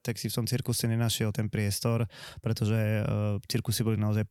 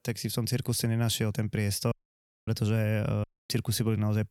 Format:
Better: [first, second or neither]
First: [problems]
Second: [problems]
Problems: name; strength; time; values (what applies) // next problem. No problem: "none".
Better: first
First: none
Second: audio cutting out; at 2 s for 0.5 s and at 3 s